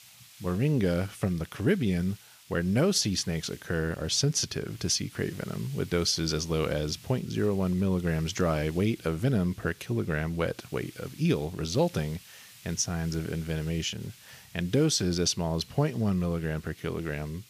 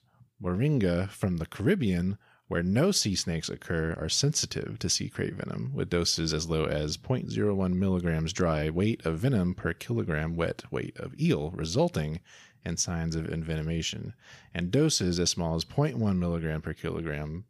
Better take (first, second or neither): second